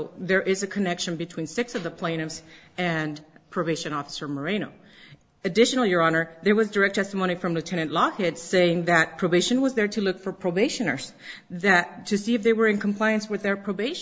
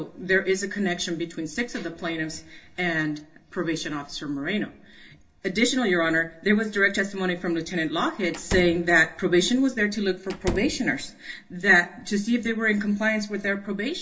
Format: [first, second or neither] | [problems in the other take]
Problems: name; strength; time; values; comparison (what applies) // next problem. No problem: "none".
first | background sound (Slam); 8 dB below the speech // room echo; dies away in 0.2 s